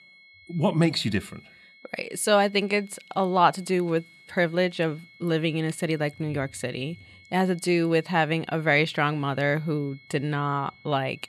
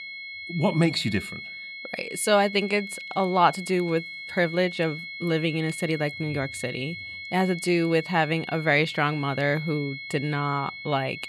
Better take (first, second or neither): first